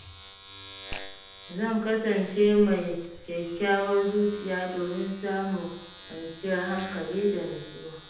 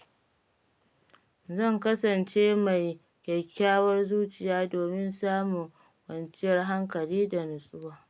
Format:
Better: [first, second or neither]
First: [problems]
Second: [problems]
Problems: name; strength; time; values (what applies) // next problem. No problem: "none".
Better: second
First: background sound (Domestic sounds, home sounds); 17 dB below the speech // room echo; dies away in 0.8 s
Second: none